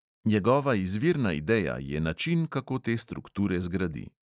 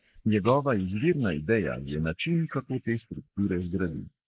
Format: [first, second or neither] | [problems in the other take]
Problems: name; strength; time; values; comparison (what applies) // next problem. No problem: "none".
first | noise reduction (neural mask model Resemble Enhance denoiser)